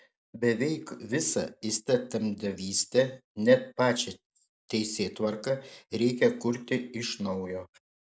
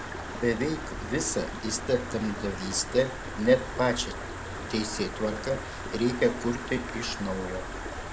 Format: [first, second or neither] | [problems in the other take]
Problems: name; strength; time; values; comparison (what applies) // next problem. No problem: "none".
first | background sound (Stream); 7 dB below the speech